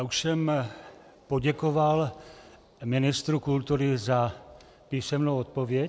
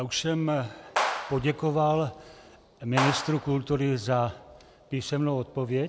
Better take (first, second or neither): first